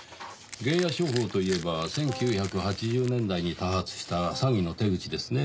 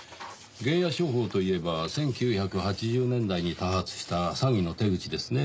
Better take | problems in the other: second | background sound (Crushing + Brass instrument); 15 dB below the speech

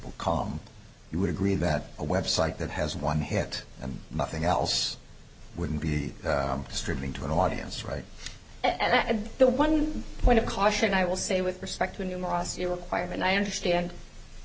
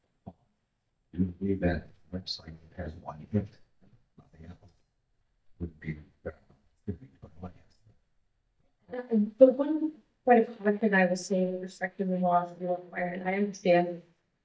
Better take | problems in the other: first | noise reduction (neural mask model DeepFilterNet 3)

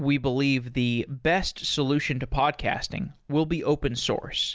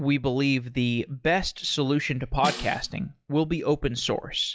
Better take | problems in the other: first | noise reduction (classical method log-MMSE)

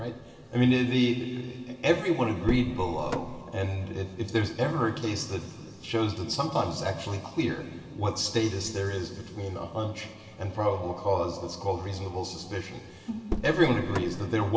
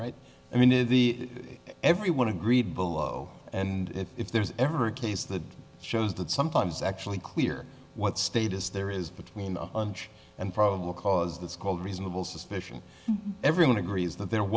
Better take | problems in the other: second | background sound (Car); 5 dB below the speech // room echo; dies away in 2.4 s

